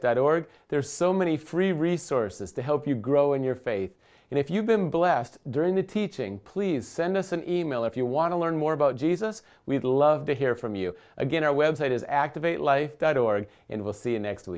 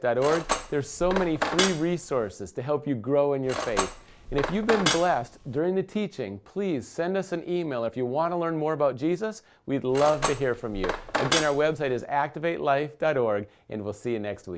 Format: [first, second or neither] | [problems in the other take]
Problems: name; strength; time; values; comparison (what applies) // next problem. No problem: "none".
first | background sound (Cutlery, silverware); 4 dB below the speech